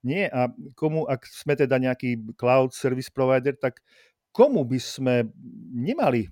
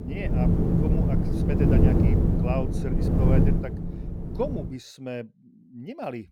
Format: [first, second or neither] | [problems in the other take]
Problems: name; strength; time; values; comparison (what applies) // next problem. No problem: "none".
first | wind noise on the microphone; heavy; until 4.5 s; 4 dB above the speech